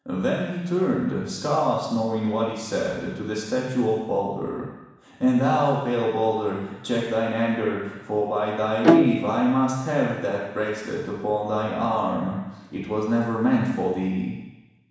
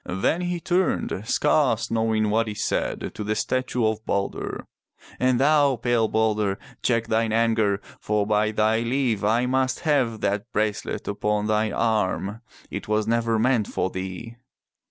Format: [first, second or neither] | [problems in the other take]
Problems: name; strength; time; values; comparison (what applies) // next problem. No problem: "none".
second | background sound (Bowed string instrument); 2 dB above the speech // room echo; dies away in 1.1 s